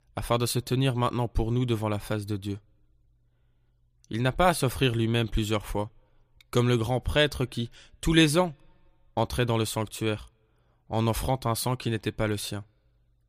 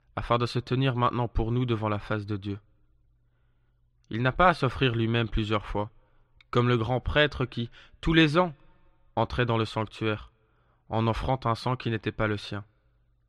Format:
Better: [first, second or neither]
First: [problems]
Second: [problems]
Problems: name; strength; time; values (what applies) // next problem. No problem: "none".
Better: first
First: none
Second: muffled; slightly; fading above 3 kHz